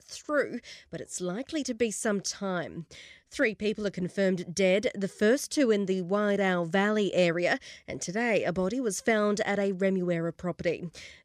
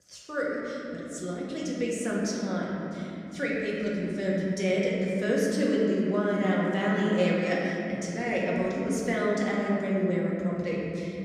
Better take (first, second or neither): first